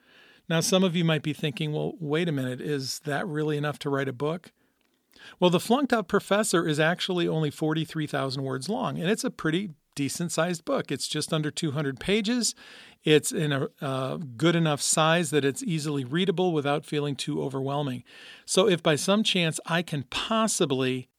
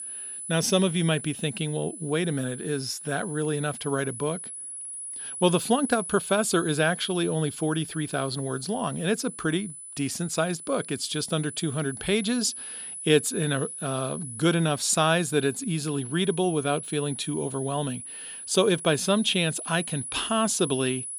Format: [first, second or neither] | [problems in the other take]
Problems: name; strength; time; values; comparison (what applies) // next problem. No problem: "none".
first | high-pitched whine; loud; throughout; 10 kHz, 9 dB below the speech